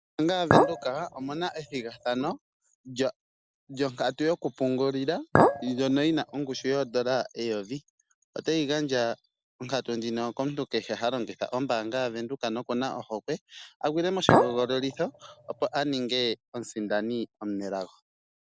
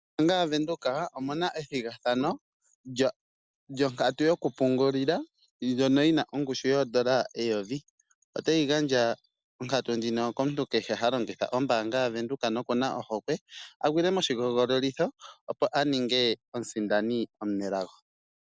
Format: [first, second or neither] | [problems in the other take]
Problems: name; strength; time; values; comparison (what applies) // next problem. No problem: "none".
second | background sound (Chink, clink); 2 dB above the speech